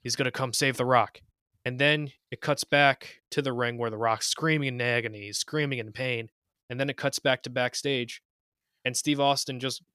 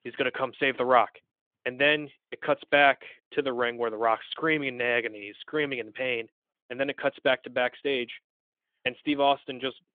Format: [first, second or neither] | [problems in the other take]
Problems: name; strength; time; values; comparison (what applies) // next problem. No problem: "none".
first | phone-call audio; nothing above 3.5 kHz